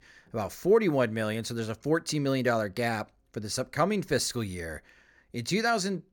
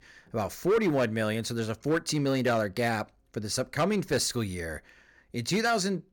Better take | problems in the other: first | distortion; slight; 5% of the sound clipped

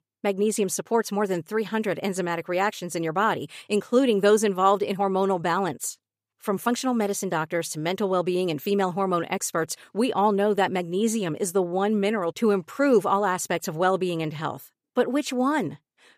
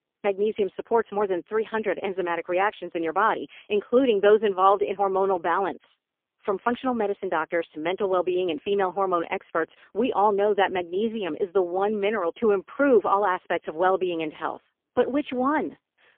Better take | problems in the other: first | phone-call audio; poor line; nothing above 3.5 kHz

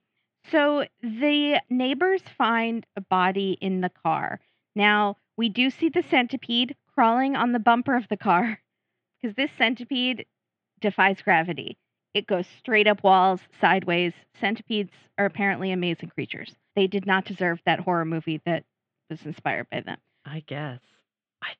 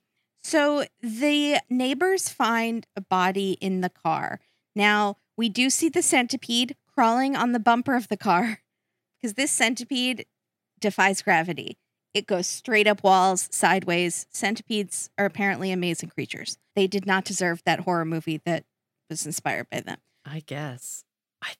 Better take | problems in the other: second | muffled; very; fading above 3.5 kHz

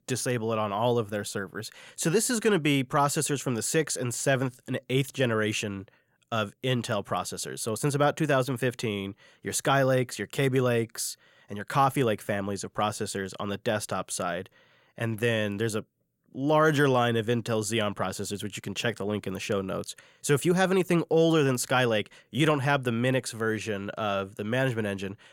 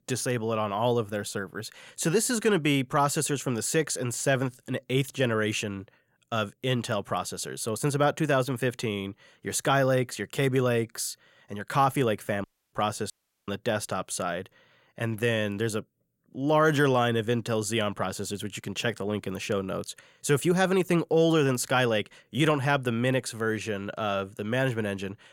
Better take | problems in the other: first | audio cutting out; at 12 s and at 13 s

